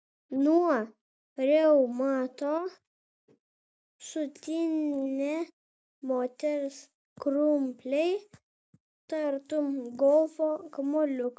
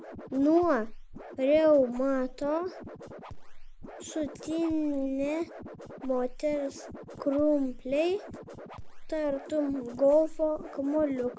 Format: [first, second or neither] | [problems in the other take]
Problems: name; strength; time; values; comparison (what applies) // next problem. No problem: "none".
first | background sound (Scratching (performance technique)); 13 dB below the speech